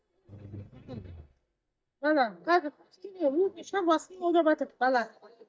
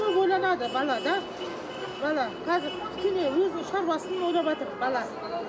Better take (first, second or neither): second